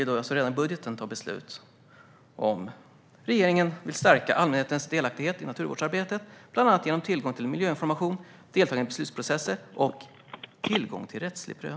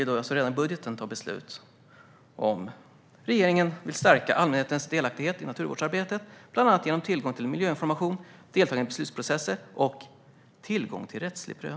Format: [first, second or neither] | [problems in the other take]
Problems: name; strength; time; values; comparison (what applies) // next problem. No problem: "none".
second | background sound (Telephone); 11 dB below the speech